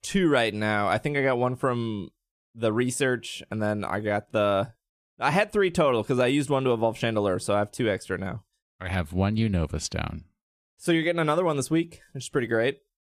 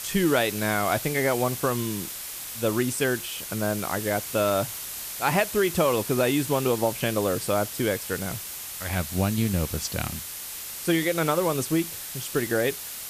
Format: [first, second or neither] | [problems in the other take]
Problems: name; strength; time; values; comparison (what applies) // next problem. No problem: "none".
first | hiss; loud; throughout; 7 dB below the speech